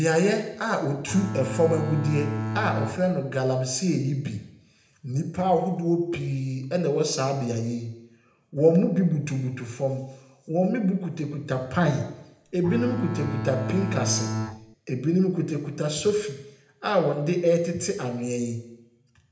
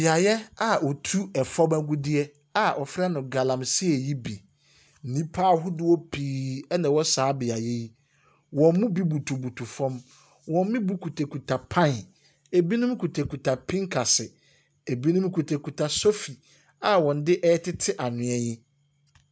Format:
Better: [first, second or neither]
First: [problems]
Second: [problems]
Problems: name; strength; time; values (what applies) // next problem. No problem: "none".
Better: second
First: background sound (Bowed string instrument); 4 dB below the speech // room echo; dies away in 0.8 s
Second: none